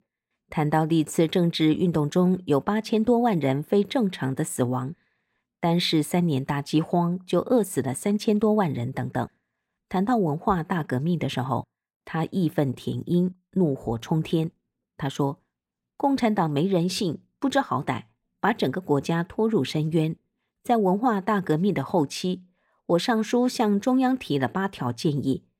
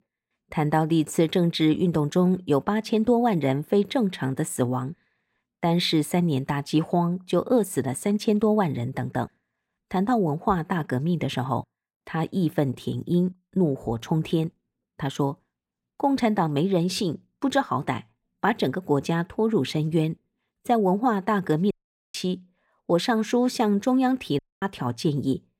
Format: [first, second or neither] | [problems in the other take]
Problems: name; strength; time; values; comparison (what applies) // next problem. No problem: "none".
first | audio cutting out; at 22 s and at 24 s